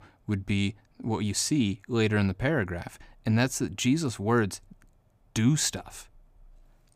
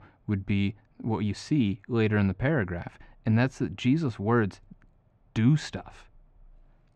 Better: first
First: none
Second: muffled; slightly; fading above 2.5 kHz

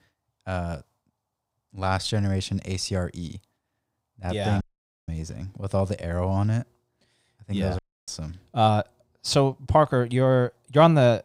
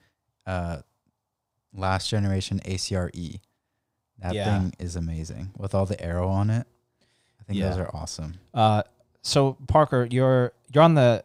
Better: second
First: audio cutting out; at 4.5 s and at 8 s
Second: none

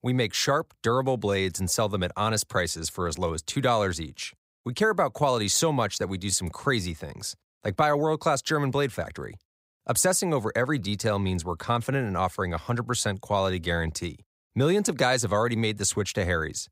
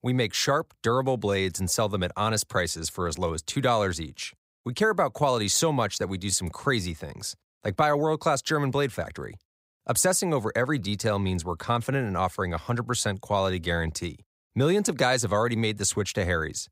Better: neither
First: none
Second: none

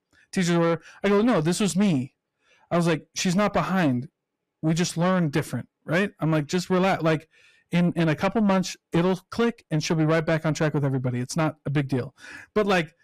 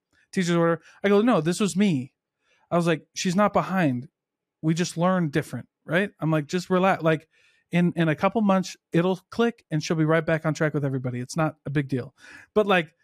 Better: second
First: distortion; slight; 9 dB below the speech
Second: none

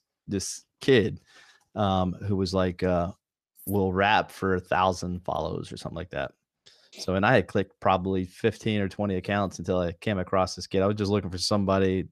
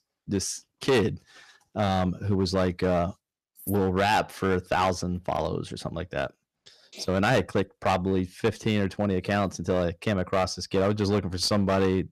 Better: first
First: none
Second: distortion; slight; 7% of the sound clipped

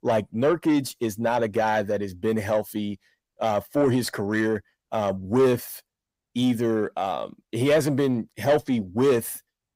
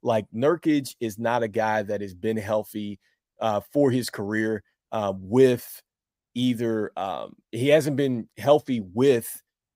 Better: second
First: distortion; slight; 10 dB below the speech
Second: none

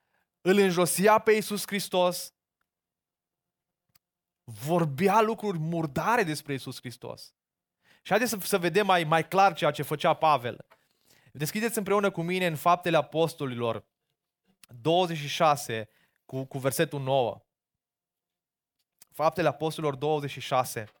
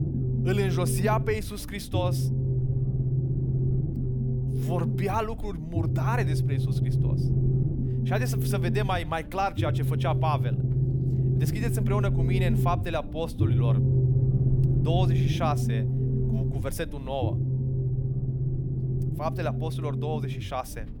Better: first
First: none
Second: low rumble; loud; throughout; 5 dB below the speech

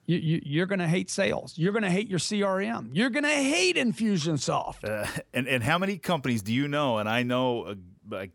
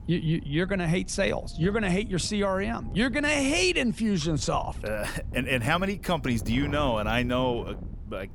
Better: first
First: none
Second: wind noise on the microphone; occasional gusts; 20 dB below the speech

